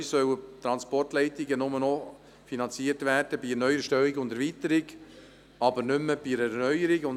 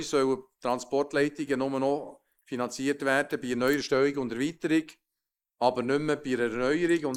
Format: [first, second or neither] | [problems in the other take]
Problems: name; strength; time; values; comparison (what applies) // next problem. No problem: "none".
first | noise reduction (neural mask model Resemble Enhance denoiser)